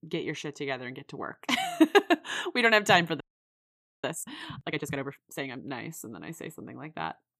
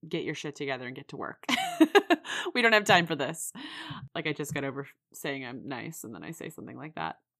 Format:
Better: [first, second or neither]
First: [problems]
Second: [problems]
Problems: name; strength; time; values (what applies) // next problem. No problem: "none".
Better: second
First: audio freezing; at 3 s for 1 s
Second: none